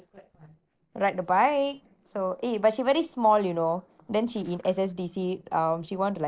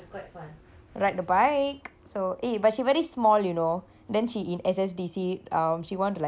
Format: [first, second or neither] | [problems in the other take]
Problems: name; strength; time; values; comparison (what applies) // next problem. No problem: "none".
second | noise reduction (neural separator model SepFormer DNS4)